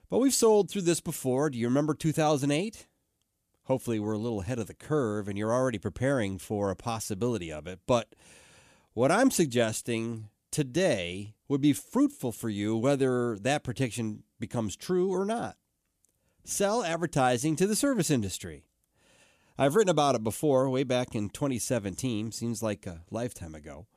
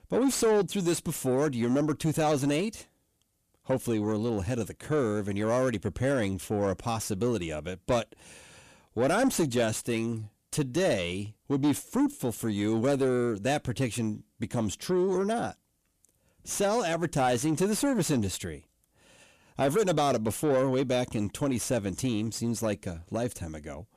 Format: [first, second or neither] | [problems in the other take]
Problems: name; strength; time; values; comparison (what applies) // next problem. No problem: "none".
first | distortion; slight; 10 dB below the speech